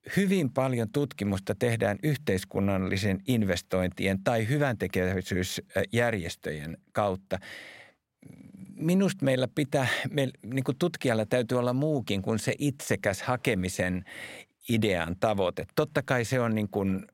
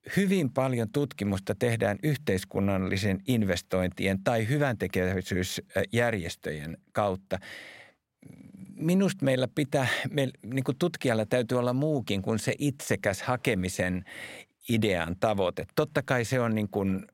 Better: neither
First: none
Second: none

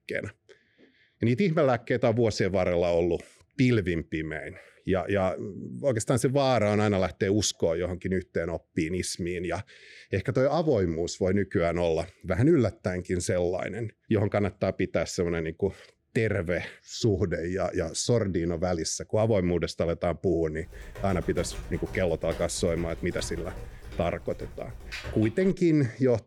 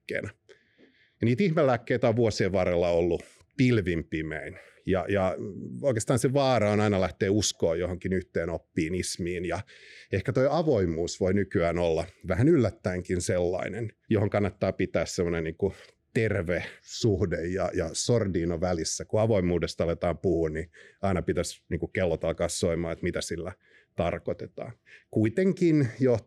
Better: second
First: keyboard typing; faint; from 21 to 26 s; peak 10 dB below the speech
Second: none

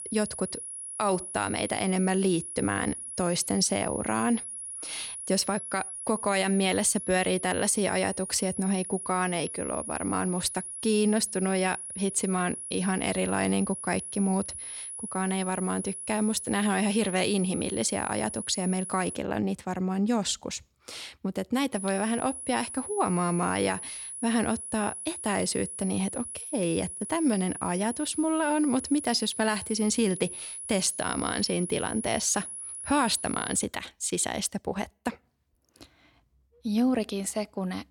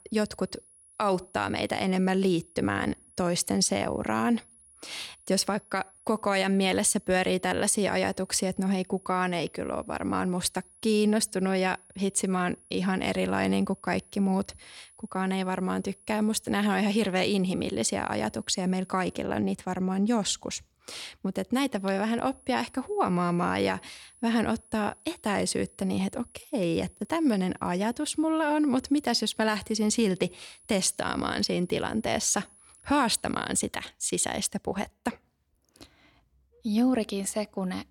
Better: second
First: high-pitched whine; loud; until 19 s and from 22 to 34 s; 10.5 kHz, 7 dB below the speech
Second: high-pitched whine; faint; until 19 s and from 22 to 34 s; 10.5 kHz, 25 dB below the speech

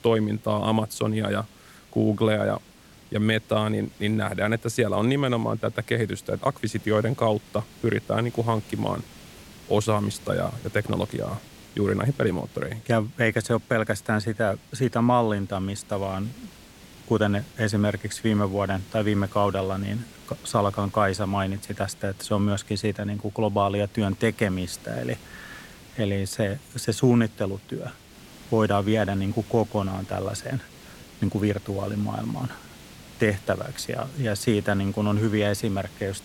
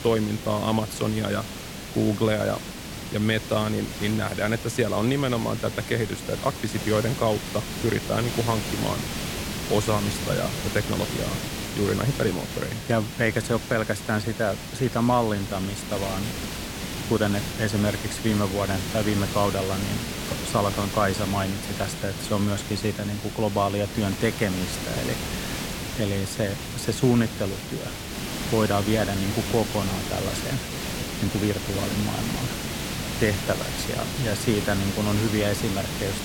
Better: first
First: hiss; faint; throughout; 20 dB below the speech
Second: hiss; loud; throughout; 5 dB below the speech

